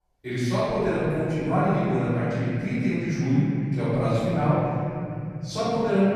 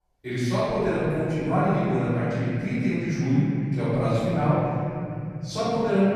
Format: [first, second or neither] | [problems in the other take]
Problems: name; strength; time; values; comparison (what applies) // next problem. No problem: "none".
neither | off-mic speech; far; the same in both // room echo; strong; dies away in 3 s; the same in both